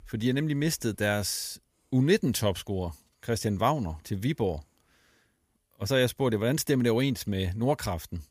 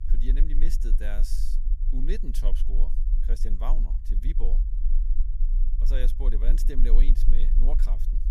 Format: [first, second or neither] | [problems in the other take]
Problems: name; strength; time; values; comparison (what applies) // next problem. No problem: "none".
first | low rumble; noticeable; throughout; 10 dB below the speech